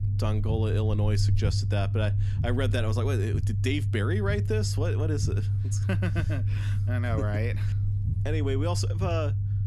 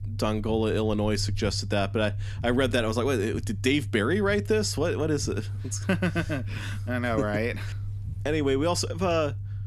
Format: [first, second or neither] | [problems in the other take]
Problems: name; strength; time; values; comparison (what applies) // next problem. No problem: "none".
second | low rumble; loud; throughout; 8 dB below the speech; faint in the second